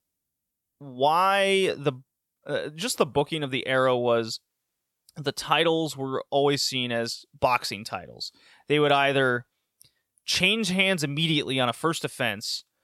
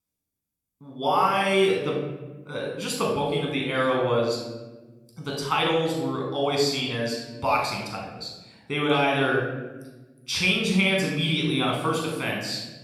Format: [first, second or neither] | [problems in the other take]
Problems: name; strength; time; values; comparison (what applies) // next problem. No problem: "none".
first | off-mic speech; somewhat distant // room echo; noticeable; dies away in 1 s